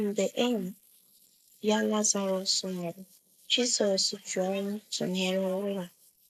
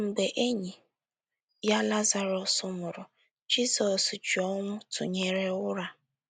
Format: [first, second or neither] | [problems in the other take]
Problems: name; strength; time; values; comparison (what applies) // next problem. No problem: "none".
second | noise reduction (neural mask model Resemble Enhance denoiser)